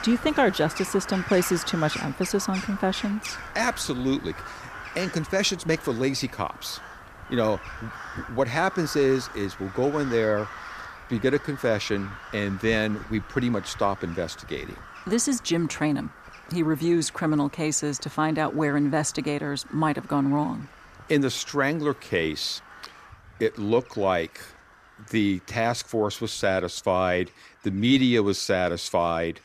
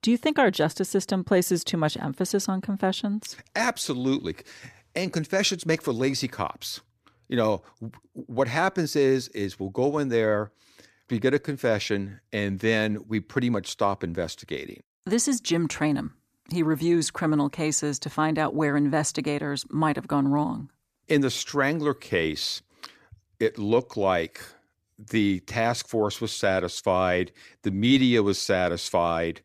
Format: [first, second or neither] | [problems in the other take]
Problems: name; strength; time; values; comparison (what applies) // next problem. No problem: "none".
second | animal sounds; noticeable; throughout; 15 dB below the speech